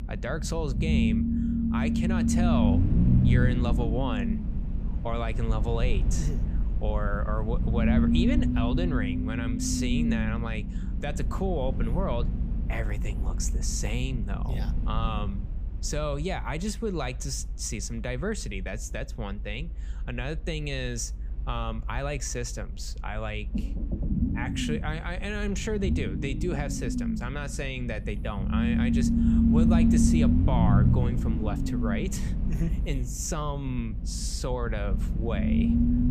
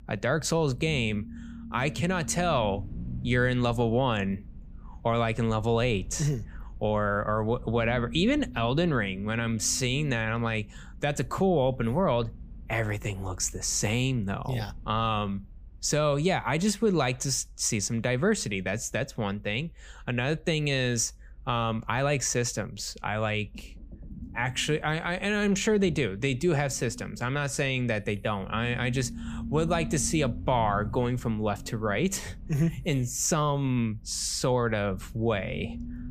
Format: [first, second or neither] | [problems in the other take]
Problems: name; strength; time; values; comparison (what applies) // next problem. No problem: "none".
second | low rumble; loud; throughout; 1 dB below the speech; faint in the second